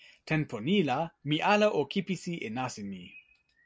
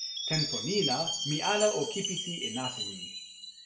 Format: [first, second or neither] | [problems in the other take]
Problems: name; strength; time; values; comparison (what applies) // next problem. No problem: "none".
first | background sound (Chime); 2 dB below the speech // room echo; dies away in 0.6 s